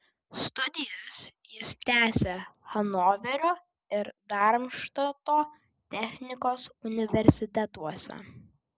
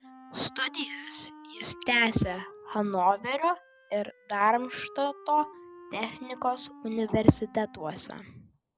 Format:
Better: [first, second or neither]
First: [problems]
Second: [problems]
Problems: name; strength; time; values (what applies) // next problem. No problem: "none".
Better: first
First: none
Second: background sound (Wind instrument, woodwind instrument); 20 dB below the speech